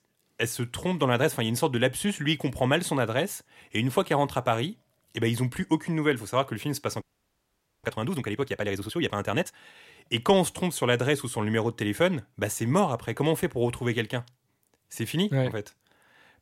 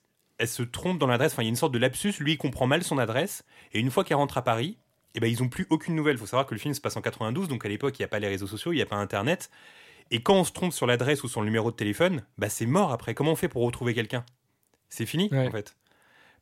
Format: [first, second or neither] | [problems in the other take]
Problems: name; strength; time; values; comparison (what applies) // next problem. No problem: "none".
second | audio freezing; at 7 s for 1 s